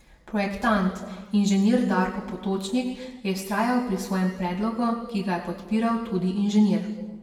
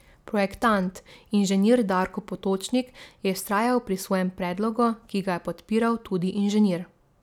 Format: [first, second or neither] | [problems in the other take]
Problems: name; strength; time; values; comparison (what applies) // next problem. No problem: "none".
second | room echo; dies away in 1.1 s